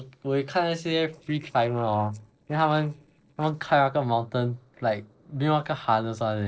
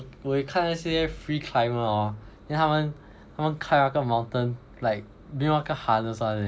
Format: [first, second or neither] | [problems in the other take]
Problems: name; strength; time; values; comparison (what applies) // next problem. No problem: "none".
second | noise reduction (neural separator model SepFormer DNS4)